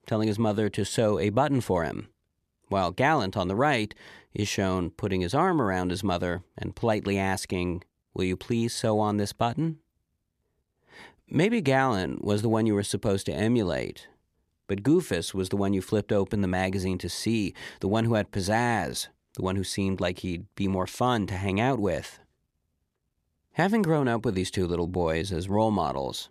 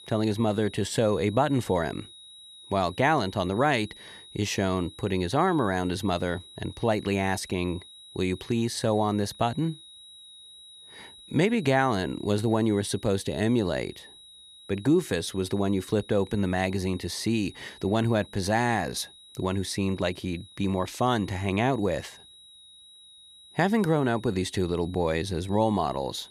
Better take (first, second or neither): first